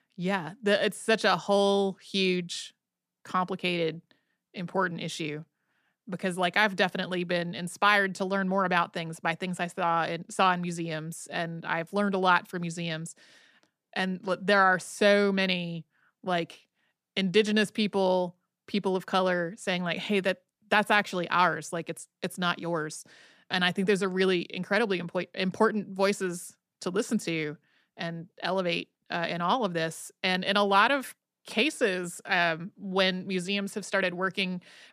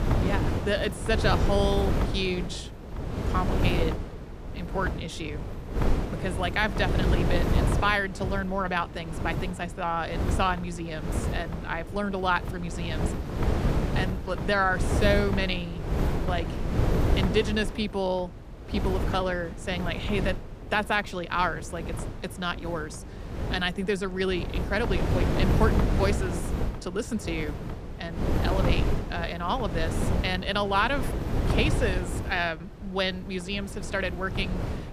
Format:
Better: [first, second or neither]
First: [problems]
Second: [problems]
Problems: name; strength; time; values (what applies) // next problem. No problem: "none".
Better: first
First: none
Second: wind noise on the microphone; heavy; 7 dB below the speech